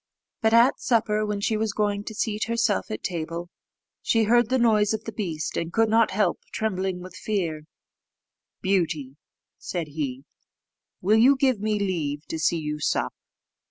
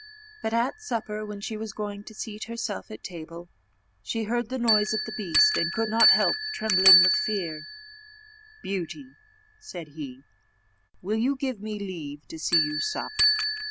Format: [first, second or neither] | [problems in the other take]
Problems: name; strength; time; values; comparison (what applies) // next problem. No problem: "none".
first | background sound (Bell); 2 dB above the speech